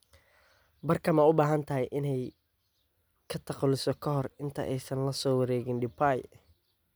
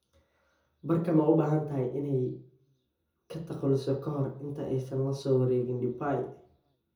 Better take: first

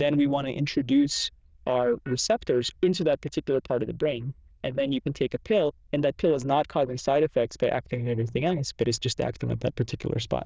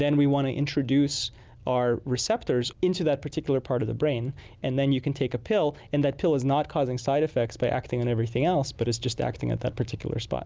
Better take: second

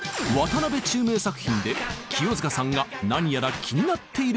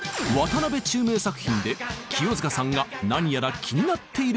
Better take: second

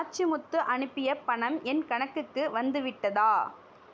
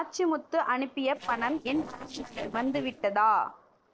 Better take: first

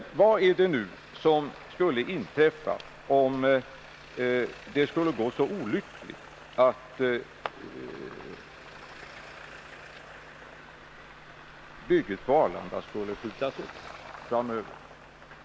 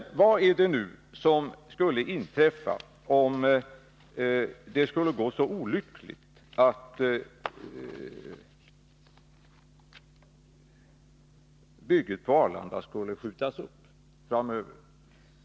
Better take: second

